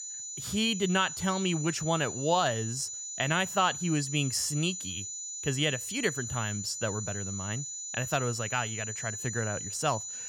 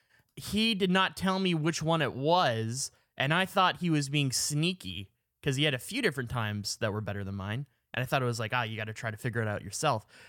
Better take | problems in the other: second | high-pitched whine; loud; throughout; 7 kHz, 5 dB below the speech

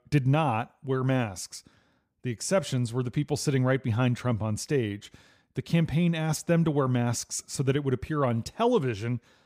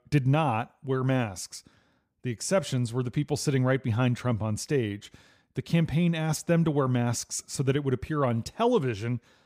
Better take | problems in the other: neither | none

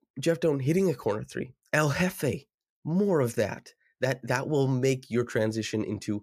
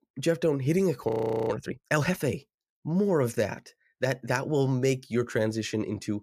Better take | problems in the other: first | audio freezing; at 1 s

